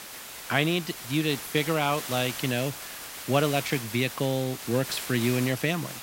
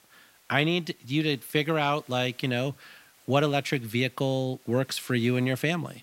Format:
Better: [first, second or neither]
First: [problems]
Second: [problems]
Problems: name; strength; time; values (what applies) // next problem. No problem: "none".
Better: second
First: hiss; loud; throughout; 9 dB below the speech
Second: hiss; faint; throughout; 30 dB below the speech